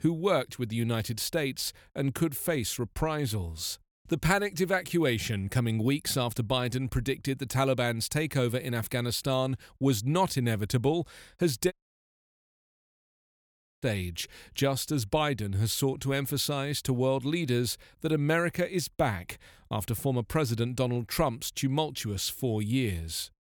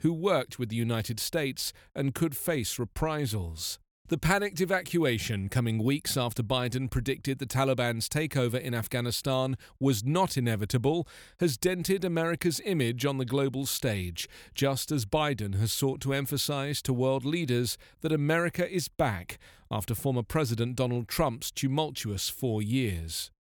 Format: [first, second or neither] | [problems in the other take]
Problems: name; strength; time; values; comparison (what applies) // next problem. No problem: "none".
second | audio cutting out; at 12 s for 2 s